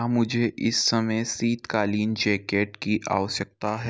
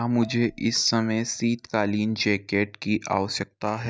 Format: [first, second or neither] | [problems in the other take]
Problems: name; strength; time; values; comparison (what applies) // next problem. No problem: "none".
first | noise reduction (neural mask model DeepFilterNet 3)